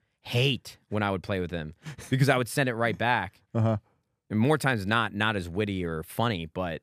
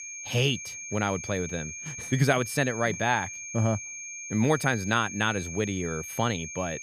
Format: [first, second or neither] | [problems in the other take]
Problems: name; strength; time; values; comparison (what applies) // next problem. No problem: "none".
first | high-pitched whine; loud; throughout; 6.5 kHz, 8 dB below the speech